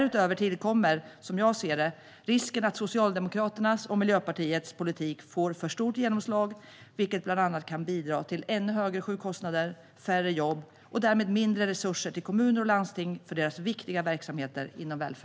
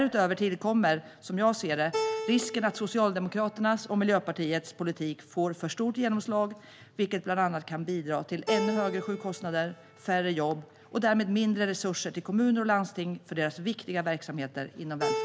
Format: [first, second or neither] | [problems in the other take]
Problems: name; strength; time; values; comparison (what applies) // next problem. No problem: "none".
first | background sound (Keyboard (musical)); 11 dB below the speech